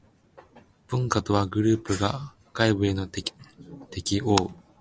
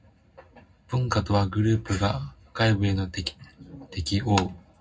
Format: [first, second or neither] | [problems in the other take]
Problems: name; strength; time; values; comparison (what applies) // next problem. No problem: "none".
first | room echo; dies away in 0.3 s